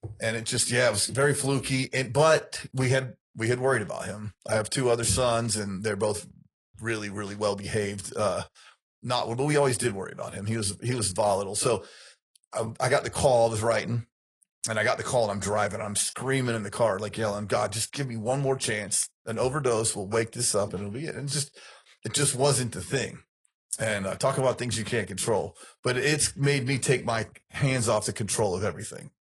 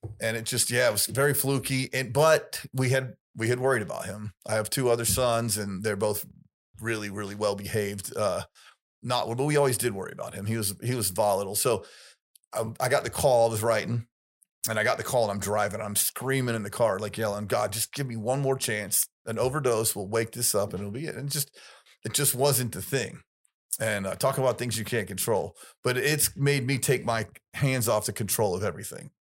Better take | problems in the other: second | garbled, watery; slightly; nothing above 10.5 kHz

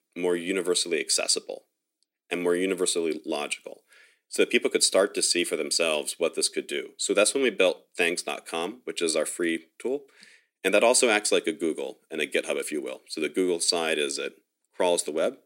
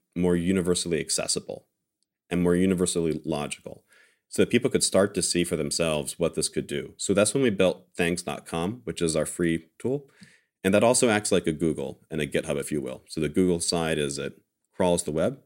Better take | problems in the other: second | thin; somewhat; fading below 300 Hz

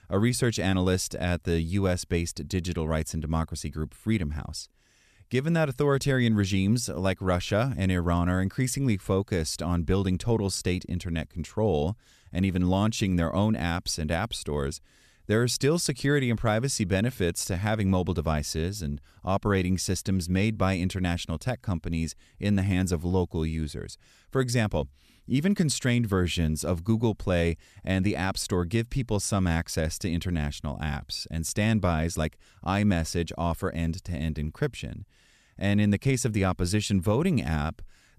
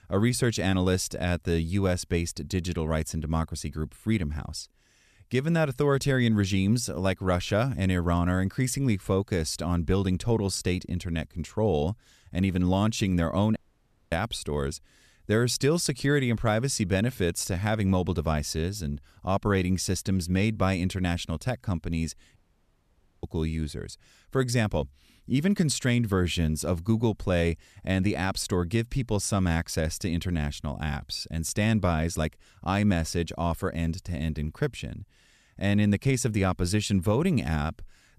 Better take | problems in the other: first | audio cutting out; at 14 s for 0.5 s and at 22 s for 1 s

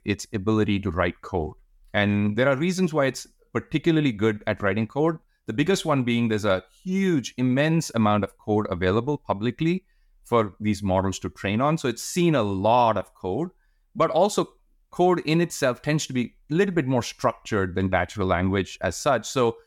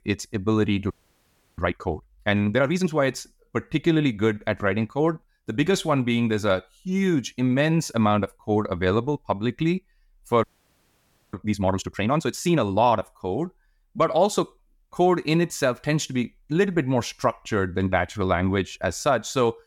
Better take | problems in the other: first | audio freezing; at 1 s for 0.5 s and at 10 s for 1 s

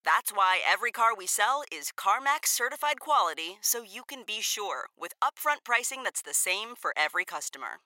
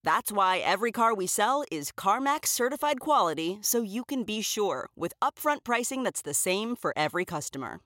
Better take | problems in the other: second | thin; very; fading below 800 Hz

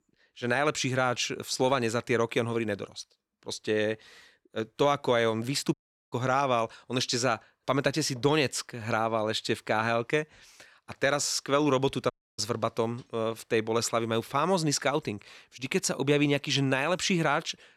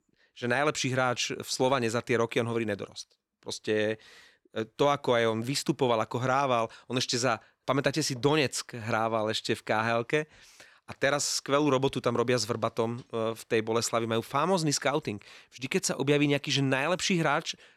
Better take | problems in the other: second | audio cutting out; at 5.5 s and at 12 s

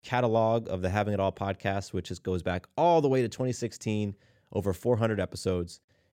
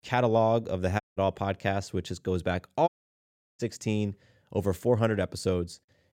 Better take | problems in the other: first | audio cutting out; at 1 s and at 3 s for 0.5 s

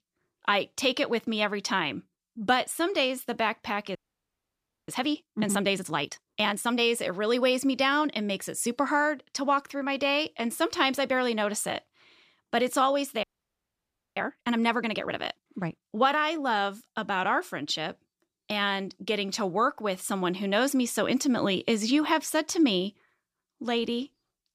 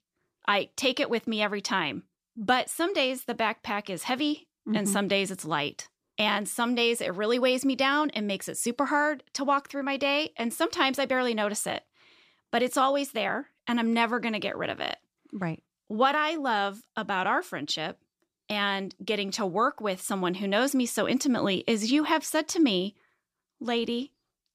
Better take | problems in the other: second | audio freezing; at 4 s for 1 s and at 13 s for 1 s

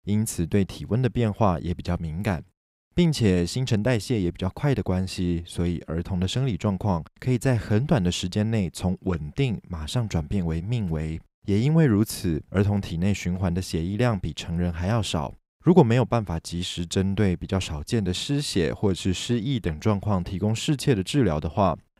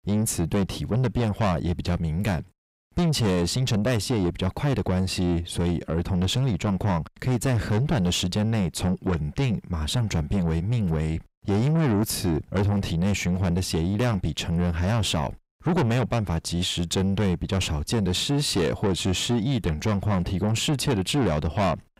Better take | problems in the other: first | distortion; heavy; 7 dB below the speech

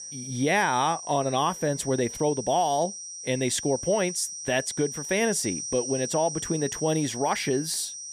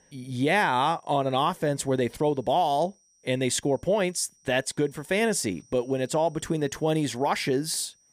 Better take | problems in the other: second | high-pitched whine; loud; throughout; 6 kHz, 8 dB below the speech; faint in the second

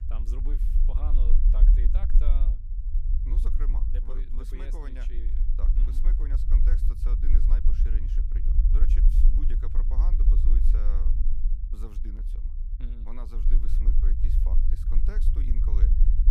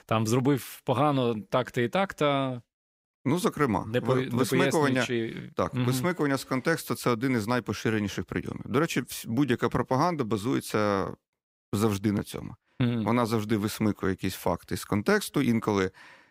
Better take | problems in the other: second | low rumble; loud; throughout; 1 dB below the speech

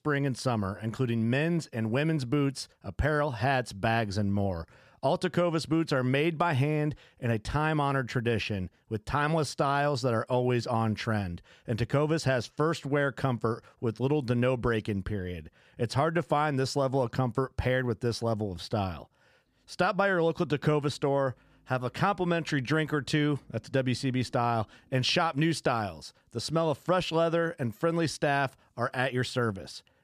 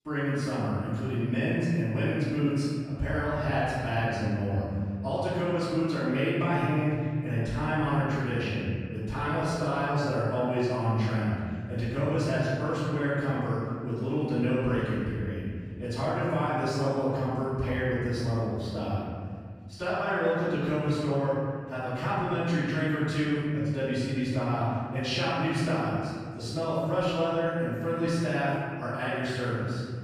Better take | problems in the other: first | off-mic speech; far // room echo; strong; dies away in 2 s

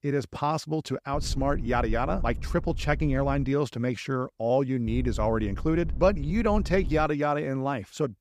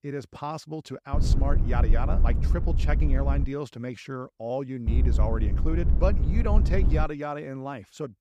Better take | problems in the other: first | low rumble; loud; from 1 to 3.5 s and from 5 to 7 s; 8 dB below the speech; faint in the first

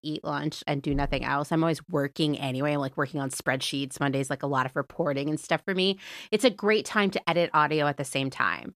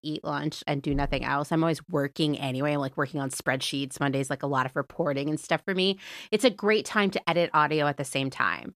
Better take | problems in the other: neither | none

